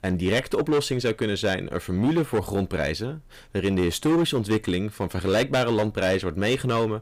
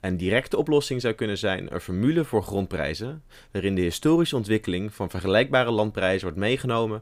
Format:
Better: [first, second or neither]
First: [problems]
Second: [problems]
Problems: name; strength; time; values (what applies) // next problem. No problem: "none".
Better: second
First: distortion; slight; 9% of the sound clipped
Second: none